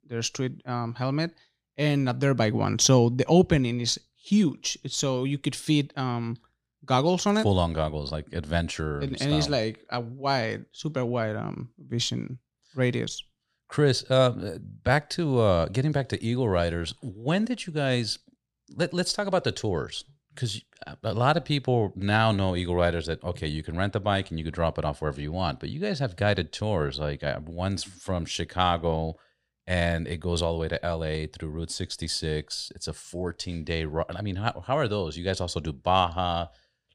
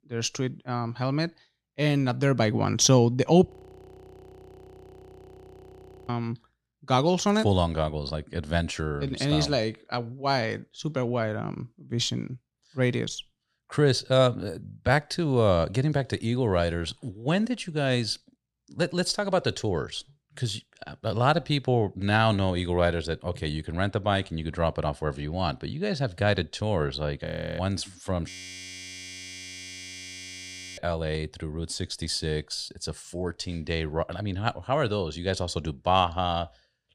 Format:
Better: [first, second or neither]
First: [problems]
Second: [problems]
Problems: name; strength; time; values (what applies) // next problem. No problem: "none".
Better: first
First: none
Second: audio freezing; at 3.5 s for 2.5 s, at 27 s and at 28 s for 2.5 s